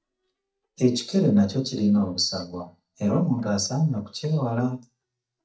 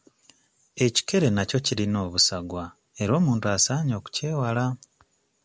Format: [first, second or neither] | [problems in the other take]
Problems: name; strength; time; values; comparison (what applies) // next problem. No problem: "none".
second | noise reduction (neural mask model DeepFilterNet 3)